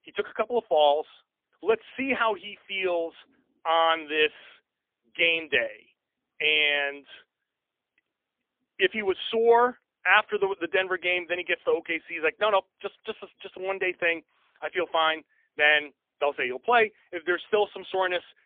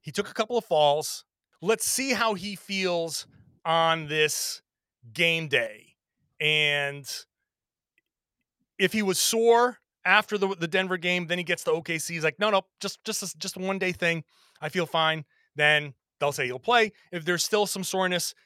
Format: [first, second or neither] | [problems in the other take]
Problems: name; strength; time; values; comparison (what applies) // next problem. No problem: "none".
second | phone-call audio; poor line; nothing above 3.5 kHz